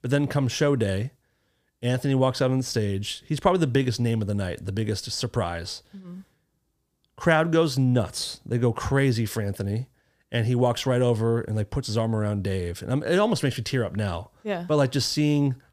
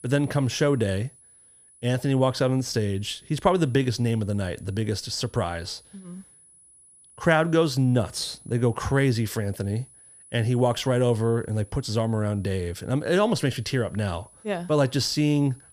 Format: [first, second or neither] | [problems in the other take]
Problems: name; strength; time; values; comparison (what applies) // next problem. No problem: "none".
first | high-pitched whine; faint; throughout; 10 kHz, 25 dB below the speech